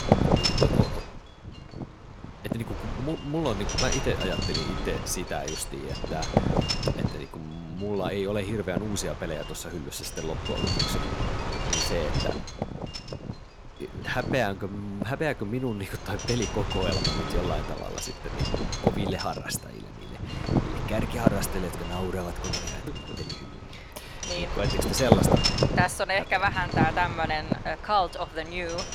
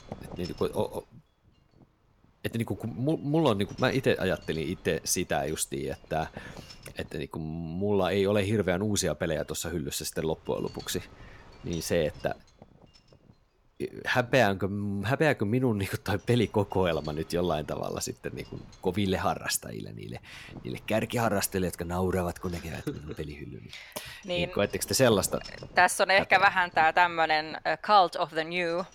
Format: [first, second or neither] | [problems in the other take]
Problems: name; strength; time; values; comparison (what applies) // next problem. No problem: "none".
second | wind noise on the microphone; heavy; 1 dB below the speech; occasional gusts in the second